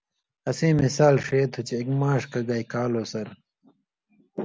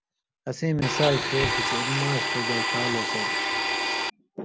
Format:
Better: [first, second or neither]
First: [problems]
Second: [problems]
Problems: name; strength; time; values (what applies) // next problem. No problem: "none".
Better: first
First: none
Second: background sound (Domestic sounds, home sounds); 3 dB above the speech